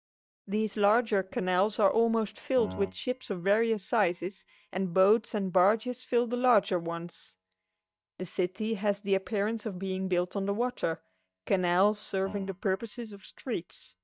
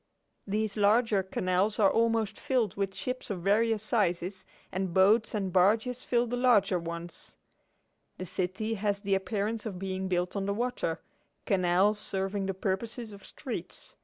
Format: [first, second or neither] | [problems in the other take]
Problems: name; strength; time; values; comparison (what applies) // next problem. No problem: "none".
second | noise reduction (neural mask model DeepFilterNet 3)